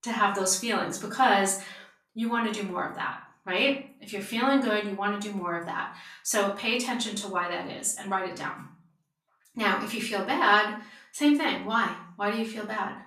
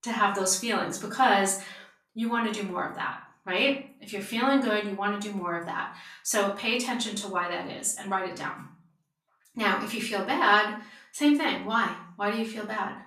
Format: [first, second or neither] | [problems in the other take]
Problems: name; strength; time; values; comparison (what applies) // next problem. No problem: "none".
neither | off-mic speech; far; the same in both // room echo; slight; dies away in 0.4 s; the same in both